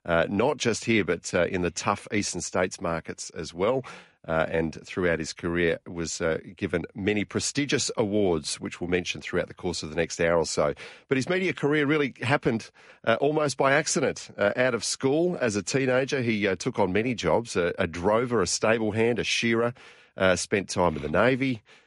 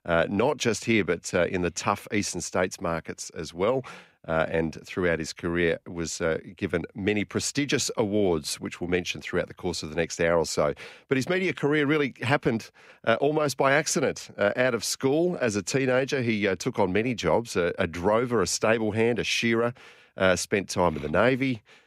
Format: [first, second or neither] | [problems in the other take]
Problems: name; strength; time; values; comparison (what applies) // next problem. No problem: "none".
second | garbled, watery; slightly; nothing above 11 kHz